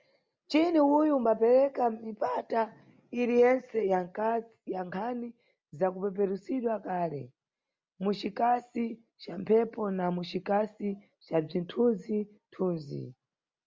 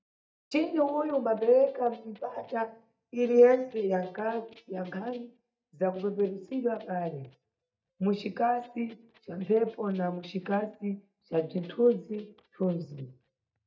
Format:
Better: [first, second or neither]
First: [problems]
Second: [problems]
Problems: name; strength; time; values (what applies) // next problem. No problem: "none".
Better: first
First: none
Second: noise reduction (neural mask model DeepFilterNet 3)